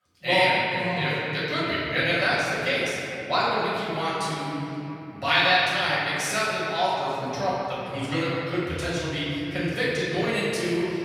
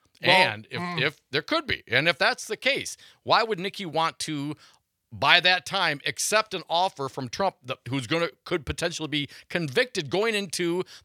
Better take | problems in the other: second | room echo; strong; dies away in 3 s // off-mic speech; far

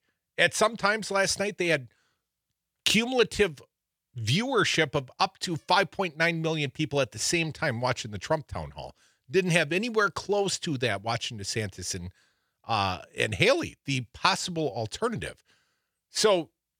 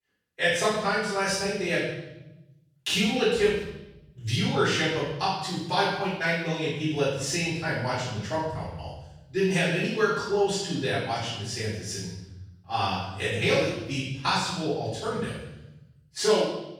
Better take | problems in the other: first | off-mic speech; far // room echo; strong; dies away in 0.9 s

